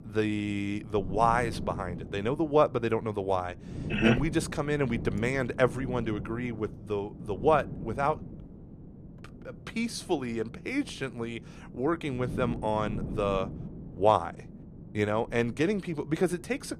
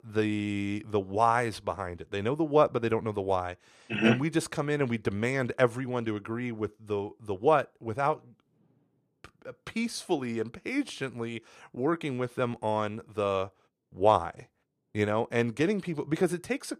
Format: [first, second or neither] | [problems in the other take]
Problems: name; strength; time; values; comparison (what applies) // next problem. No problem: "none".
second | wind noise on the microphone; occasional gusts; 20 dB below the speech